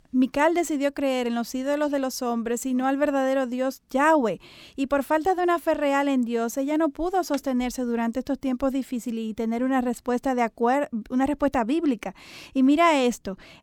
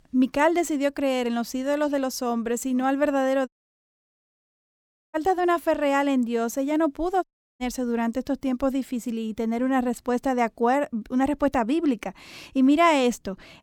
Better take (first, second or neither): first